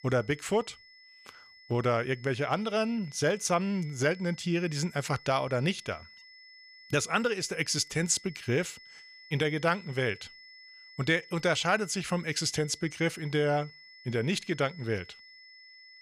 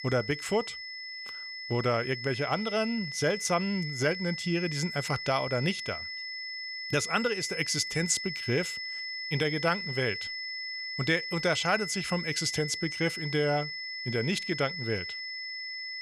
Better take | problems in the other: first | high-pitched whine; loud; throughout; 2 kHz, 5 dB below the speech; faint in the first

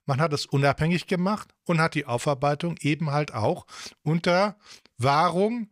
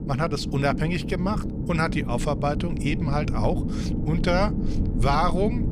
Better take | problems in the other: first | low rumble; loud; throughout; 9 dB below the speech

